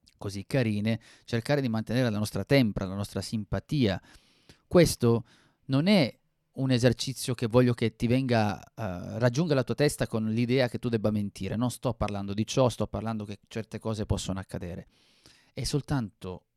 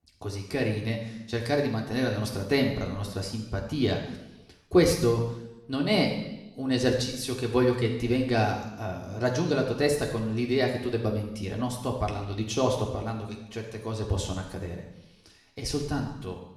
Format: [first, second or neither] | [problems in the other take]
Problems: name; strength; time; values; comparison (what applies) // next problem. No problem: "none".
first | room echo; noticeable; dies away in 0.9 s // off-mic speech; somewhat distant